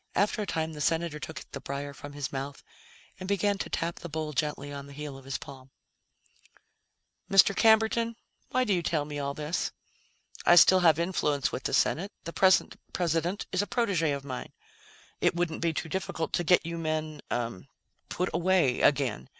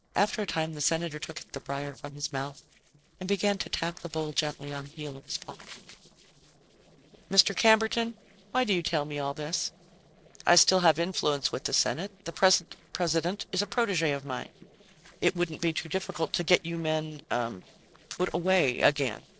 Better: first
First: none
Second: noise reduction (neural separator model SepFormer DNS4)

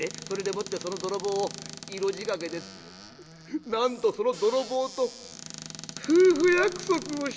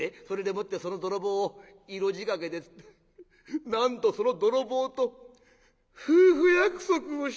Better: second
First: background sound (Squeak / Cupboard open or close); 14 dB below the speech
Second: none

